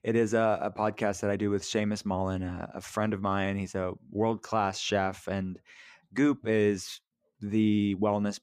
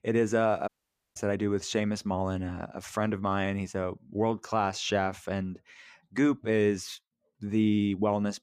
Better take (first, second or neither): first